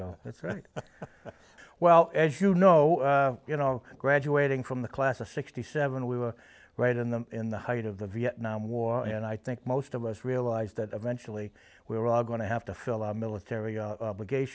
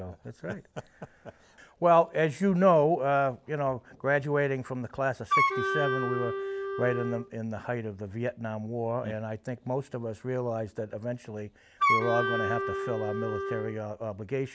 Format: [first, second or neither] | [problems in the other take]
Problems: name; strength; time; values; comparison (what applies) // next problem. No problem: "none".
first | background sound (Wind instrument, woodwind instrument); as loud as the speech